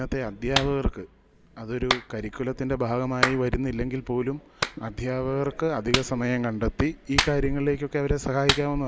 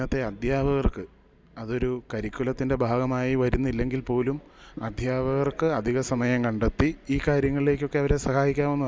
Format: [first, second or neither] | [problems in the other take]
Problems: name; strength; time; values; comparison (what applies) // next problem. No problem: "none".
second | background sound (Clapping); 5 dB below the speech